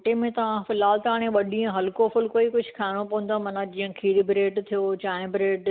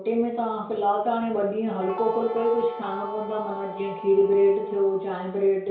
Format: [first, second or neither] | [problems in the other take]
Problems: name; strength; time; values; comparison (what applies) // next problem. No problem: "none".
first | background sound (Guitar); 12 dB below the speech // room echo; dies away in 0.6 s